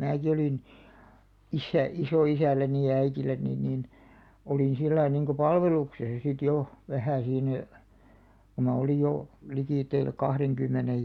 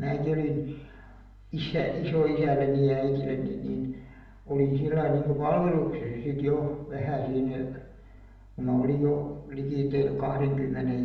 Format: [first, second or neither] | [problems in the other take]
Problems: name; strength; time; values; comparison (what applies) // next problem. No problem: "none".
first | room echo; dies away in 0.7 s